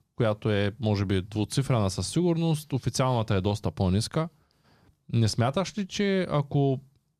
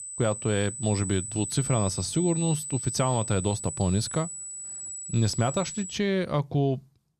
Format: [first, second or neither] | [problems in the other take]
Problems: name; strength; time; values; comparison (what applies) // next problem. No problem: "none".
first | high-pitched whine; loud; until 6 s; 8 kHz, 6 dB below the speech